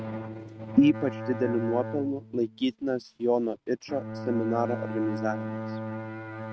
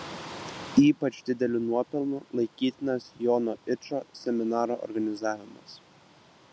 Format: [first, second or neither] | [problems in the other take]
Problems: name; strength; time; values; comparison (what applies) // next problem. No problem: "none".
second | noise reduction (neural mask model RNNoise)